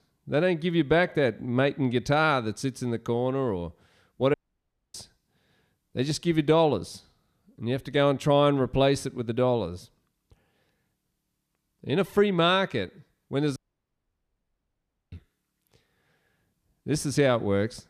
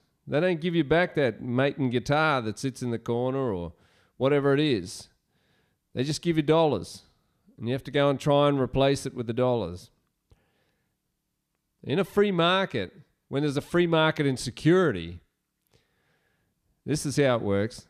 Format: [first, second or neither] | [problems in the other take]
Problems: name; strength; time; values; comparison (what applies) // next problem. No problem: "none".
second | audio cutting out; at 4.5 s for 0.5 s and at 14 s for 1.5 s